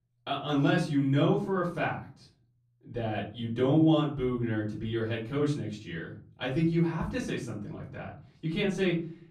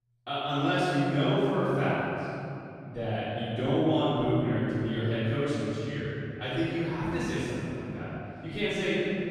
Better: first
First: room echo; slight; dies away in 0.6 s // off-mic speech; far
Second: room echo; strong; dies away in 3 s // off-mic speech; far

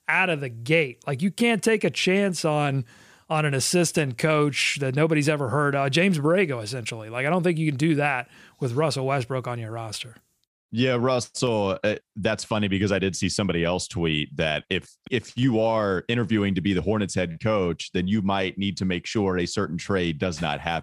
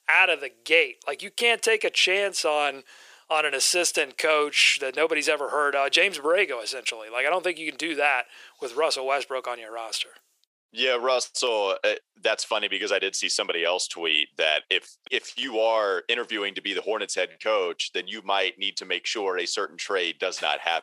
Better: first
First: none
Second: thin; very; fading below 450 Hz

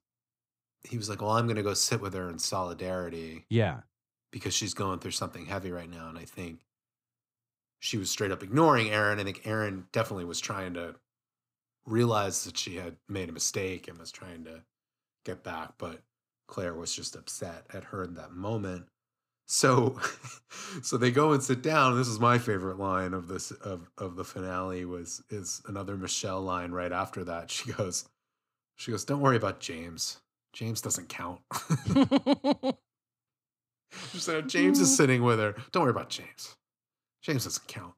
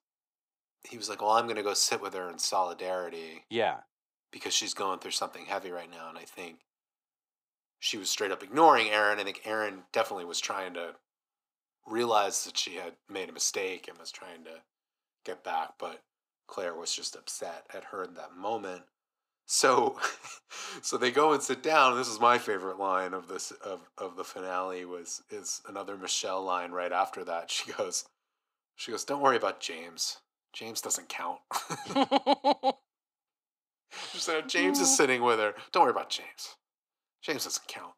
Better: first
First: none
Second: thin; somewhat; fading below 450 Hz

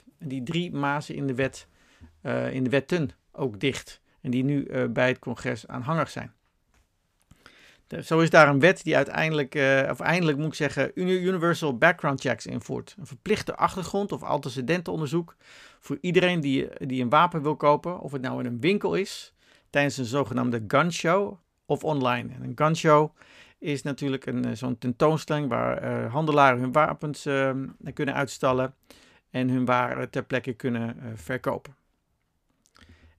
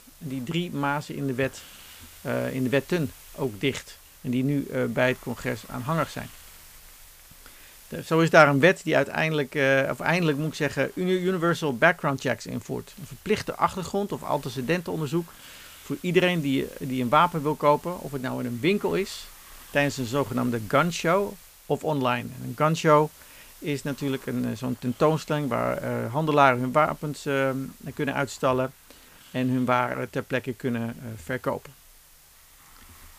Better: first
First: none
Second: hiss; faint; throughout; 20 dB below the speech

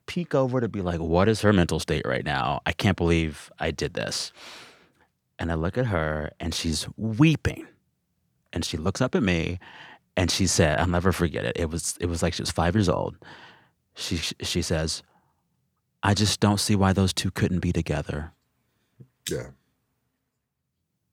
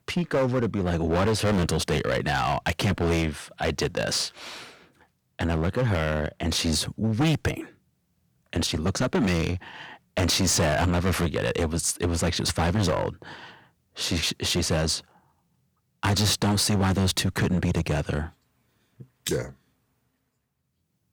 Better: first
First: none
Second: distortion; heavy; 9% of the sound clipped

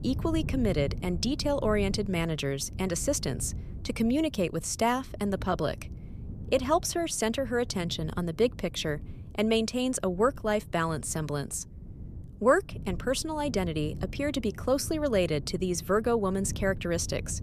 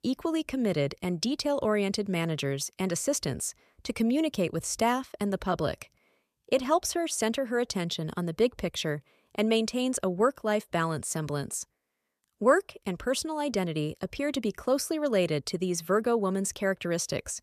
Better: second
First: wind noise on the microphone; occasional gusts; 20 dB below the speech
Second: none

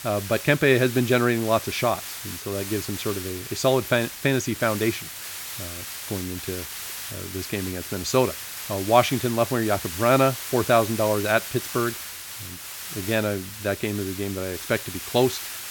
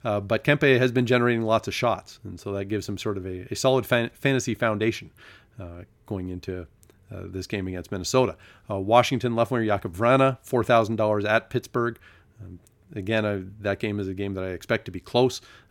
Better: second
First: hiss; loud; throughout; 9 dB below the speech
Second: none

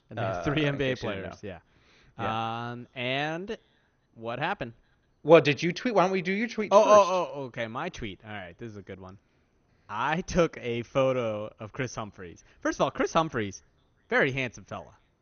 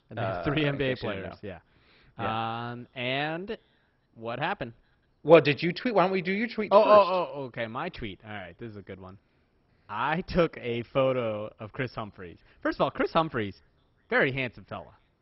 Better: first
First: garbled, watery; slightly; nothing above 6.5 kHz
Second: garbled, watery; badly; nothing above 5.5 kHz

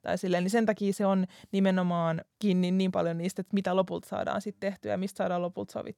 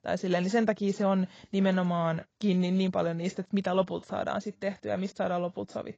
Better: first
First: none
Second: garbled, watery; badly; nothing above 7.5 kHz

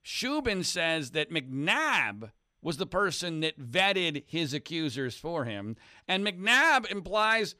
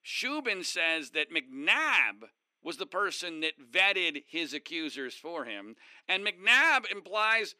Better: first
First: none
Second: thin; somewhat; fading below 300 Hz

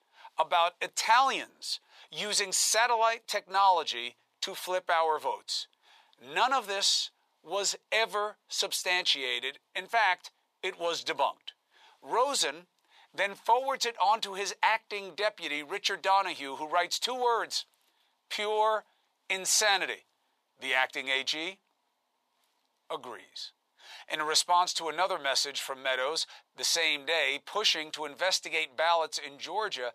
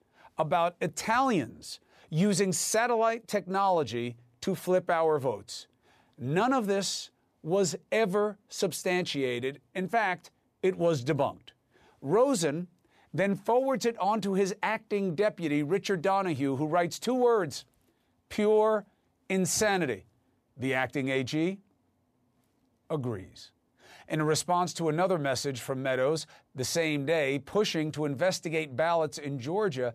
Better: second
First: thin; very; fading below 750 Hz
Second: none

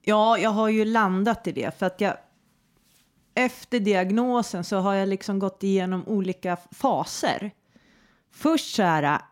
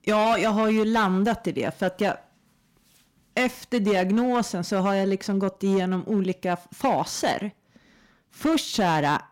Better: first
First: none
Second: distortion; slight; 7% of the sound clipped

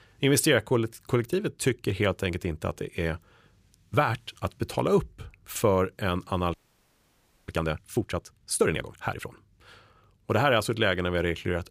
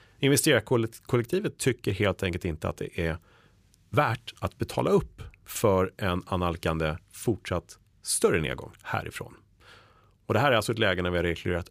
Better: second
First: audio freezing; at 6.5 s for 1 s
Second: none

